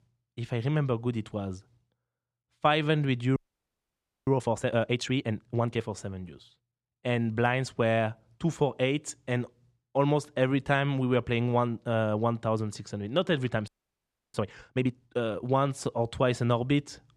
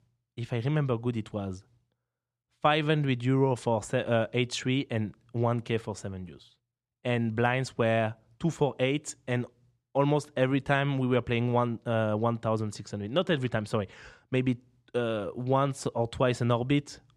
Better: second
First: audio freezing; at 3.5 s for 1 s and at 14 s for 0.5 s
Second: none

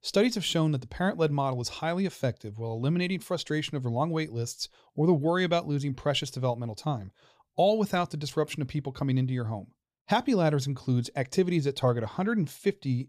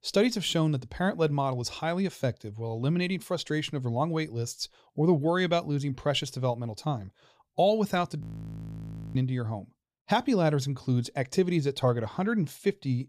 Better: first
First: none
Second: audio freezing; at 8 s for 1 s

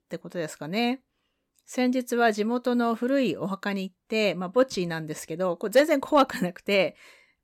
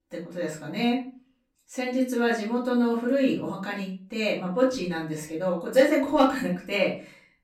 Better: first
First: none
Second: off-mic speech; far // room echo; slight; dies away in 0.3 s

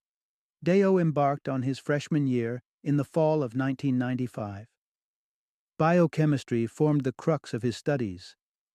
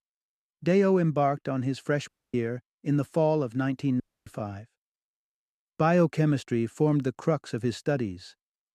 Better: first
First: none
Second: audio cutting out; at 2 s and at 4 s

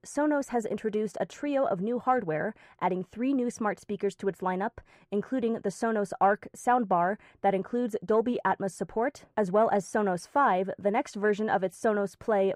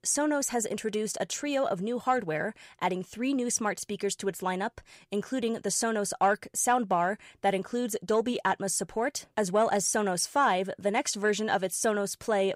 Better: second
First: muffled; very; fading above 2.5 kHz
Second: none

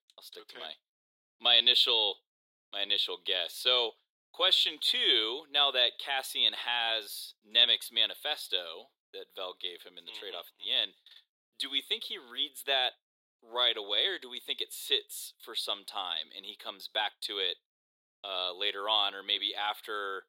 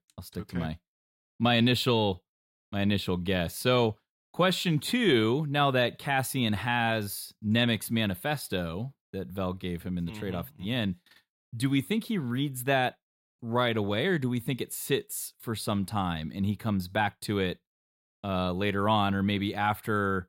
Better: second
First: thin; very; fading below 400 Hz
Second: none

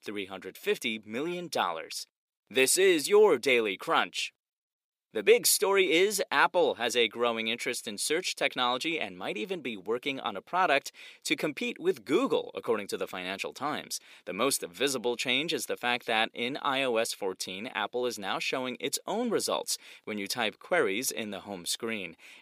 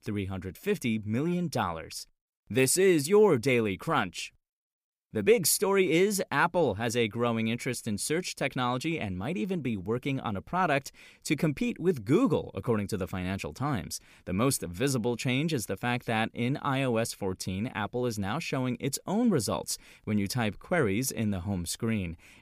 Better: second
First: thin; somewhat; fading below 400 Hz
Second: none

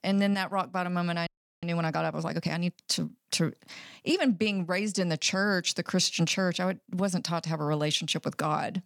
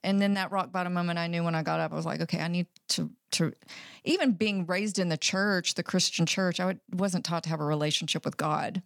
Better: second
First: audio freezing; at 1.5 s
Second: none

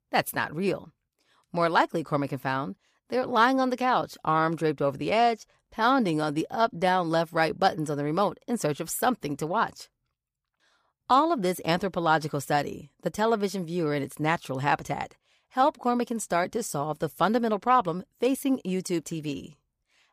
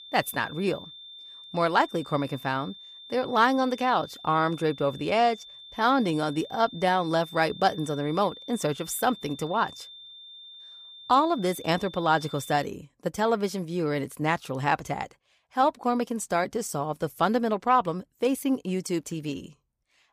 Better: first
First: none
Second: high-pitched whine; noticeable; until 13 s; 3.5 kHz, 15 dB below the speech

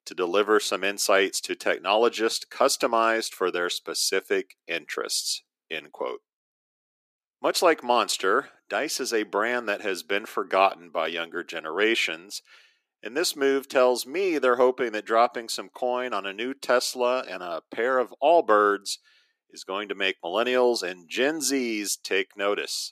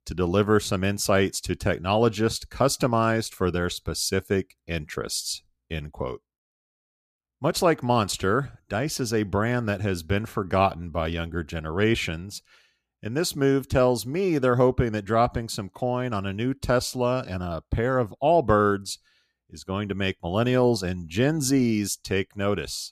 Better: second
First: thin; somewhat; fading below 300 Hz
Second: none

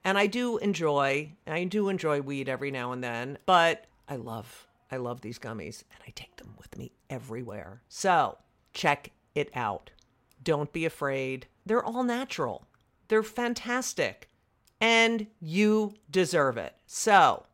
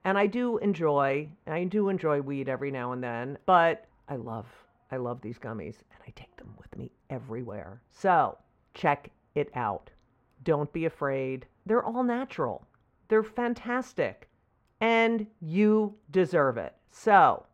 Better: first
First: none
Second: muffled; very; fading above 3 kHz

